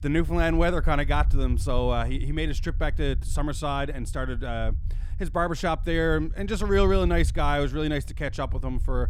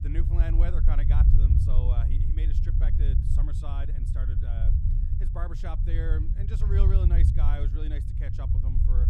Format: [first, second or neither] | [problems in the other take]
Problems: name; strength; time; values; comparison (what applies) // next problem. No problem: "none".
first | low rumble; loud; throughout; 1 dB below the speech; faint in the first